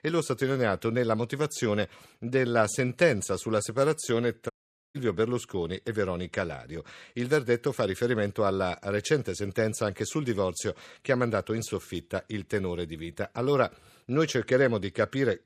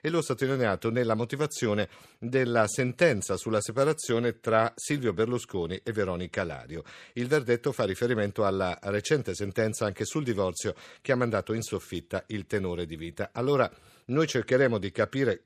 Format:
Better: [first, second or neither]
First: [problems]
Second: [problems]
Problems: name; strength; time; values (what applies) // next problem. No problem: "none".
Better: second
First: audio cutting out; at 4.5 s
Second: none